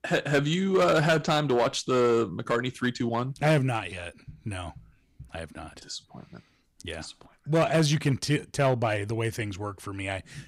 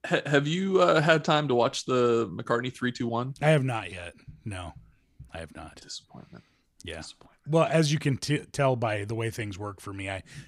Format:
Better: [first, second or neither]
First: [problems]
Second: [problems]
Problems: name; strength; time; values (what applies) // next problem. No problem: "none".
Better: second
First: distortion; slight; 4% of the sound clipped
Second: none